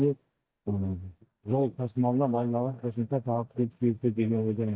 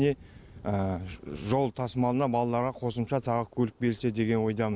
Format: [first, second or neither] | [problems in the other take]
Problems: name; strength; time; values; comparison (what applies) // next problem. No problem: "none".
second | noise reduction (neural mask model DeepFilterNet 3)